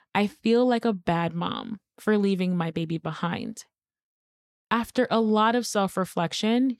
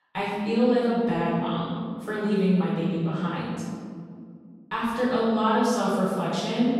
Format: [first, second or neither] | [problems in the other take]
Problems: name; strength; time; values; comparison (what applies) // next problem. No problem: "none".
first | room echo; strong; dies away in 2 s // off-mic speech; far